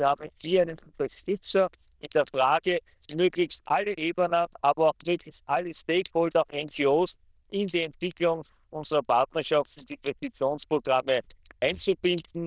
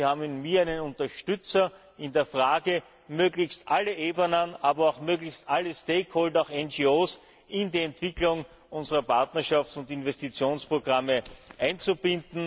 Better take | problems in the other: second | noise reduction (neural diffusion model UNIVERSE++)

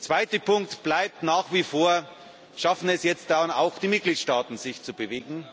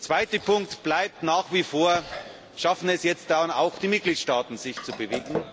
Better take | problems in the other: first | background sound (Chewing, mastication); 15 dB below the speech

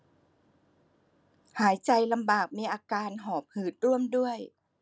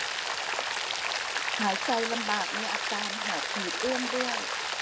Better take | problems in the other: first | background sound (Rain); 4 dB above the speech

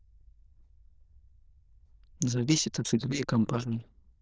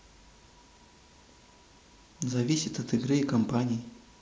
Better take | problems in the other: second | noise reduction (neural diffusion model UNIVERSE++)

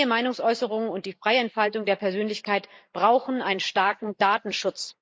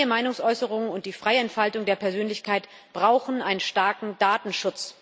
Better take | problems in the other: second | noise reduction (neural mask model Resemble Enhance denoiser)

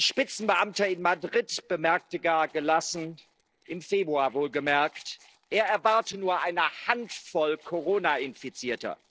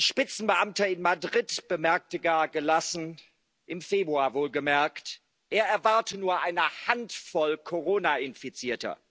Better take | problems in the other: second | noise reduction (neural separator model SepFormer DNS4)

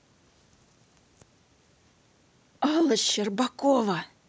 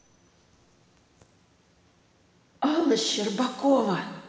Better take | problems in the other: first | room echo; dies away in 2 s

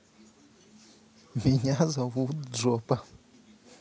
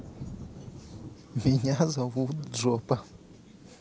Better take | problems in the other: first | background sound (Thunder); 15 dB below the speech

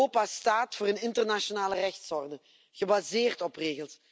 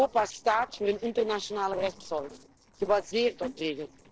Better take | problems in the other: first | noise reduction (neural separator model SepFormer DNS4)

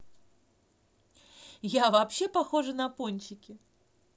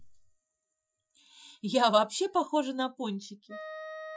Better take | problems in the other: first | noise reduction (classical method Wiener filter)

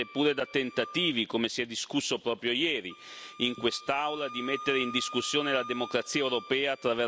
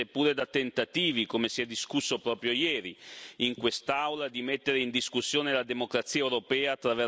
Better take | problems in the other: second | background sound (Wind instrument, woodwind instrument); 15 dB below the speech

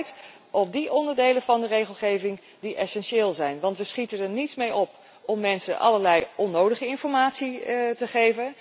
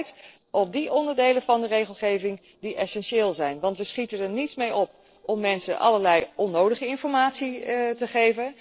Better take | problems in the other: first | noise reduction (neural separator model SepFormer DNS4)

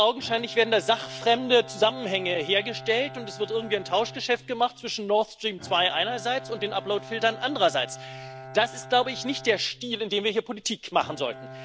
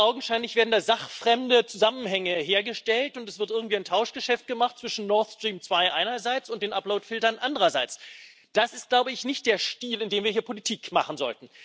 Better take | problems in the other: second | background sound (Bowed string instrument); 16 dB below the speech

